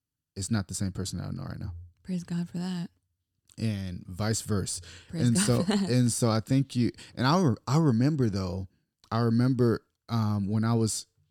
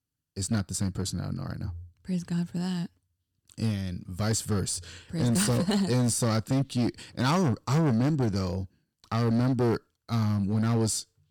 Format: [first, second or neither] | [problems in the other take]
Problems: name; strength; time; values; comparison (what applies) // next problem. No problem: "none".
first | distortion; slight; 10% of the sound clipped